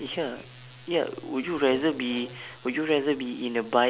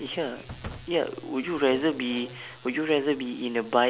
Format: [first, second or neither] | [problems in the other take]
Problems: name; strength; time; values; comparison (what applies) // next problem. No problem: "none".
first | background sound (Slam); 18 dB below the speech